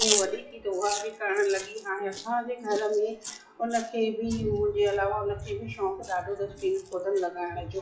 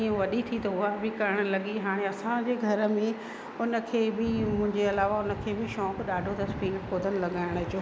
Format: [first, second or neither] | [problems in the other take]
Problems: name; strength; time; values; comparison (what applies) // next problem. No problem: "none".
second | noise reduction (classical method WPE with log-MMSE)